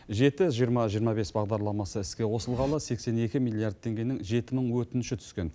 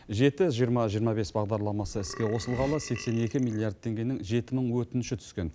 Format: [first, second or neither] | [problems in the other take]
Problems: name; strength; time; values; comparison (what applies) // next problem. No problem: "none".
first | background sound (Burping, eructation); 16 dB below the speech